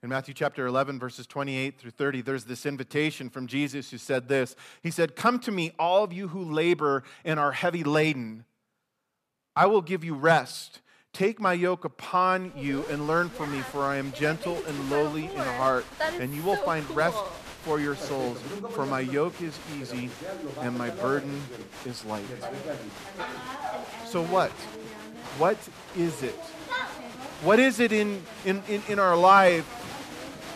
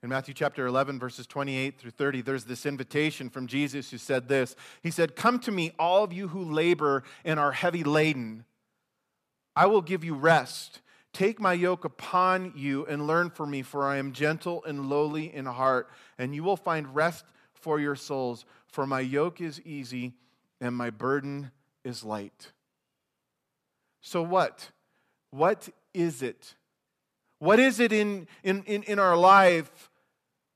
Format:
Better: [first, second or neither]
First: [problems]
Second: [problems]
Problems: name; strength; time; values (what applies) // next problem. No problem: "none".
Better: second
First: crowd noise; noticeable; from 13 s on; 10 dB below the speech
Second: none